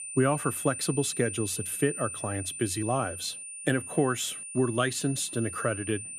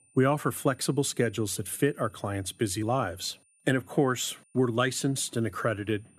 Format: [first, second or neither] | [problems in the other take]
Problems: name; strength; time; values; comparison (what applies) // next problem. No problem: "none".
second | high-pitched whine; loud; throughout; 9 kHz, 7 dB below the speech; faint in the second